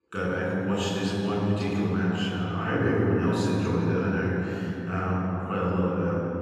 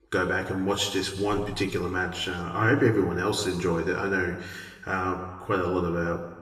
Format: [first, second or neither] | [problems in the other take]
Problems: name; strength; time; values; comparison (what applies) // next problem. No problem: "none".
second | room echo; strong; dies away in 3 s; slight in the second // off-mic speech; far; far in the second